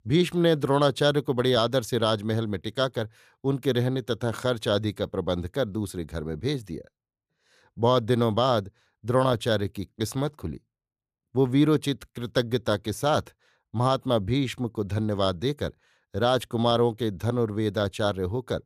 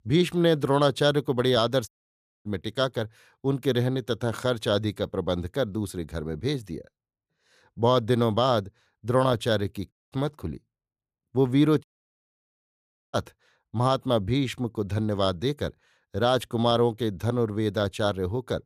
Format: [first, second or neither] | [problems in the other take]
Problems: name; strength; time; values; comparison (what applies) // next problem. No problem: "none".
first | audio cutting out; at 2 s for 0.5 s, at 10 s and at 12 s for 1.5 s